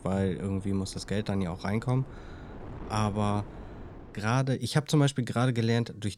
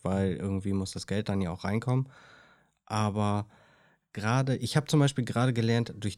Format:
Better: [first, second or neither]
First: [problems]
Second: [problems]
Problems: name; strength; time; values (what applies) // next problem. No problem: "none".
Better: second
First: wind noise on the microphone; occasional gusts; until 4.5 s; 15 dB below the speech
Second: none